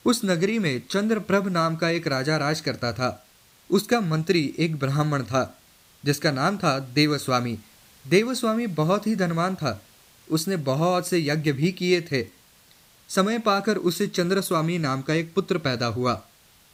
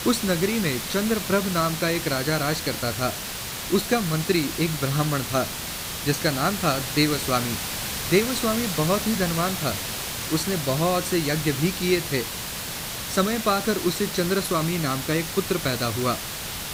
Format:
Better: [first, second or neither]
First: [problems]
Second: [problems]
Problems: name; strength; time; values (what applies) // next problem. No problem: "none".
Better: first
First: hiss; faint; throughout; 30 dB below the speech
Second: hiss; loud; throughout; 4 dB below the speech